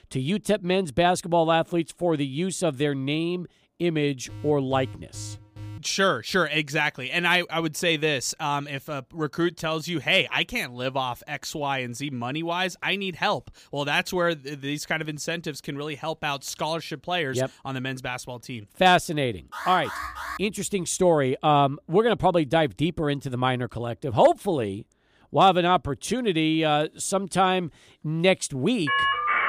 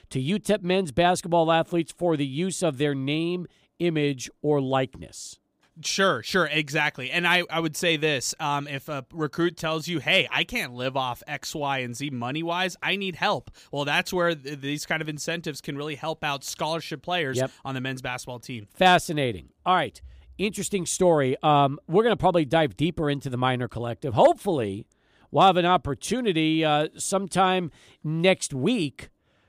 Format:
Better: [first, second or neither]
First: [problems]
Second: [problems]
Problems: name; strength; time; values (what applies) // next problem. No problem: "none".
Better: second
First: alarm; faint; from 4.5 to 6 s; peak 15 dB below the speech // alarm; noticeable; at 20 s; peak 8 dB below the speech // phone ringing; loud; at 29 s; peak 3 dB above the speech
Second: none